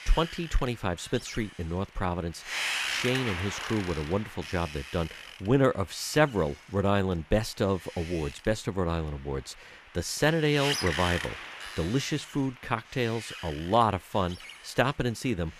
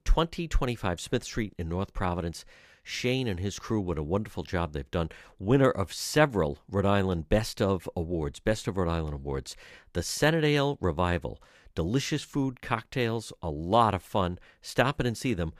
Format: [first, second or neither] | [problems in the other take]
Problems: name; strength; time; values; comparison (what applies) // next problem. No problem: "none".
second | wind noise on the microphone; heavy; 5 dB below the speech